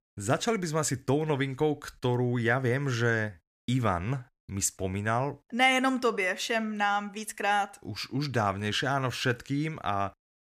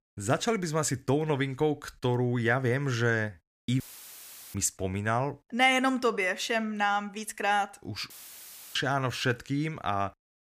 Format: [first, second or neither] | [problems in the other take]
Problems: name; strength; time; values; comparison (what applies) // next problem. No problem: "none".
first | audio cutting out; filled with static; at 4 s for 0.5 s and at 8 s for 0.5 s